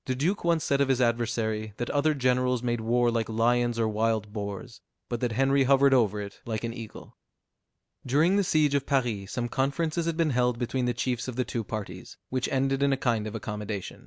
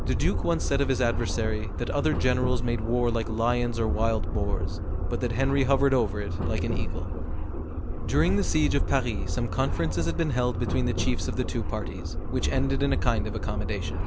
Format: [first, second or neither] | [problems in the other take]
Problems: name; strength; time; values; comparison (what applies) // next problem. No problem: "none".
first | background sound (Subway, metro, underground); 1 dB above the speech